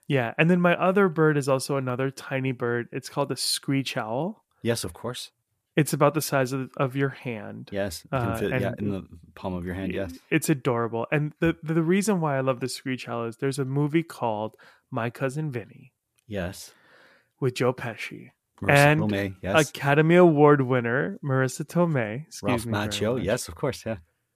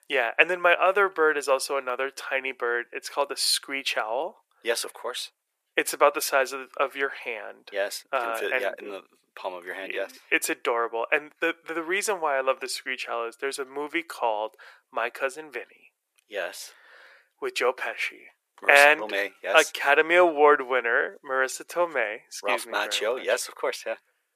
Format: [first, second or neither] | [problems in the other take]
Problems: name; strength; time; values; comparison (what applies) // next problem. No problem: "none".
first | thin; very; fading below 450 Hz